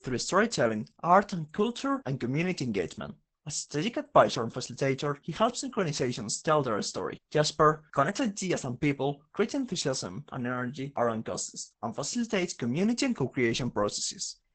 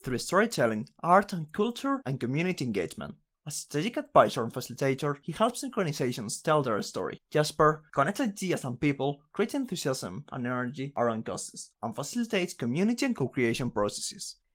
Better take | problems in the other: second | garbled, watery; badly; nothing above 8 kHz; slightly in the second

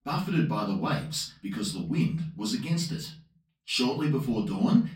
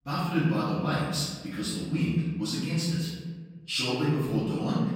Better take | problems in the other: first | room echo; strong; dies away in 1.4 s; slight in the first // off-mic speech; far; far in the first

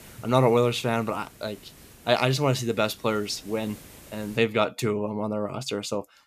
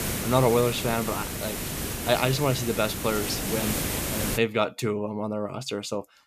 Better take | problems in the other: first | hiss; loud; until 4.5 s; 3 dB below the speech; faint in the first

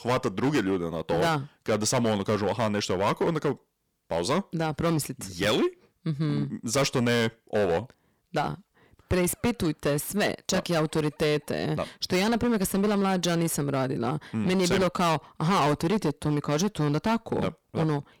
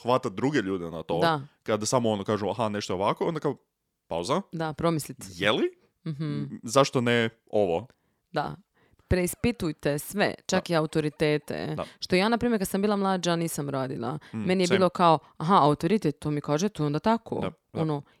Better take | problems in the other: second | distortion; heavy; 13% of the sound clipped

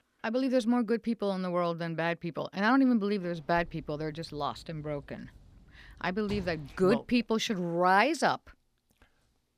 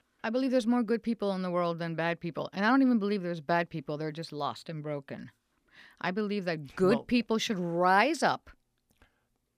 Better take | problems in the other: second | door banging; faint; from 3 to 7 s; peak 15 dB below the speech

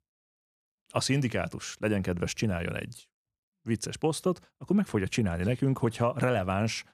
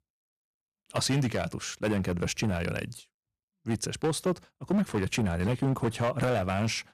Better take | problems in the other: first | distortion; slight; 8% of the sound clipped

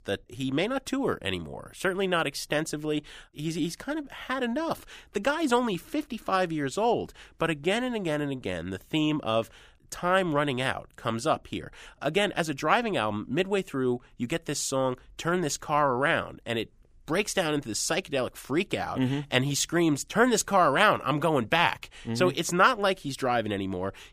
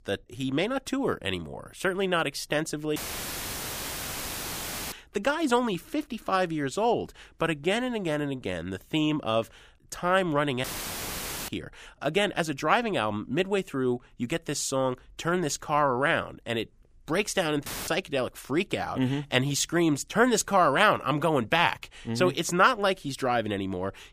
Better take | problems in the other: first | audio cutting out; filled with static; at 3 s for 2 s, at 11 s for 1 s and at 18 s

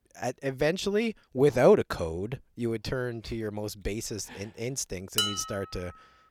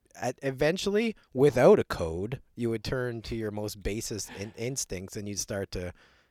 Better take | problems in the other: second | clattering dishes; loud; at 5 s; peak 2 dB above the speech

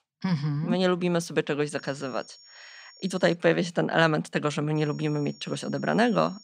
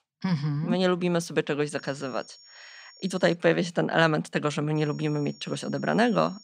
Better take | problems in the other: neither | high-pitched whine; faint; from 2 to 3.5 s and from 5 s on; 5.5 kHz, 25 dB below the speech; the same in both

